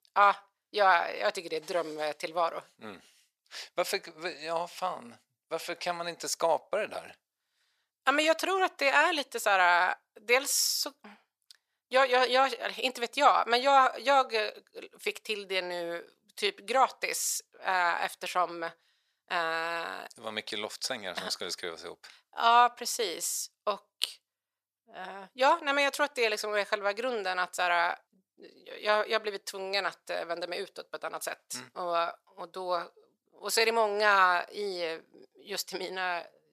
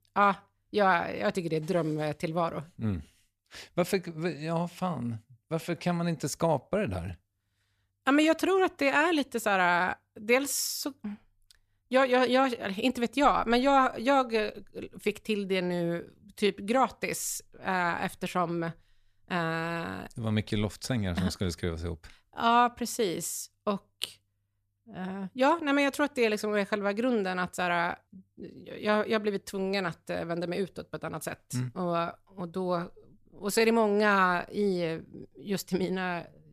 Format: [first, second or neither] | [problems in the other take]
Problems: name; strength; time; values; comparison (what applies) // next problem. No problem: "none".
second | thin; very; fading below 650 Hz